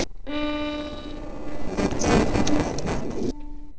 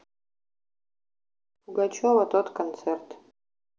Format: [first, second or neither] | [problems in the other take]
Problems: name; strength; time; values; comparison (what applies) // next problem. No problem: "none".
second | noise reduction (neural separator model SepFormer DNS4)